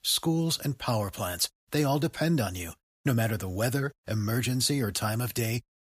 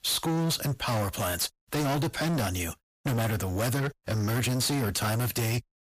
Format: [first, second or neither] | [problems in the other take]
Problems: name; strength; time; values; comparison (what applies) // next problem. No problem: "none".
first | distortion; heavy; 31% of the sound clipped